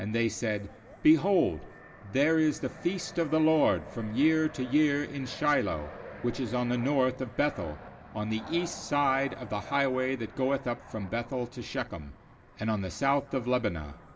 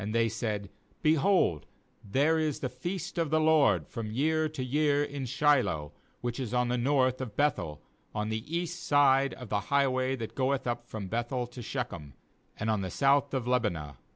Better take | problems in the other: second | background sound (Fixed-wing aircraft, airplane); 18 dB below the speech // room echo; dies away in 2 s

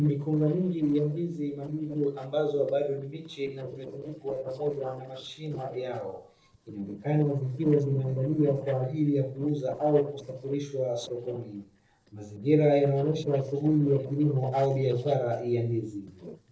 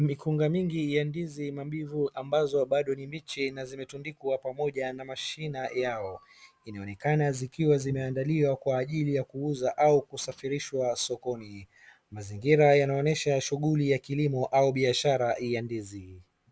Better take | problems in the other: second | noise reduction (neural separator model SepFormer DNS4)

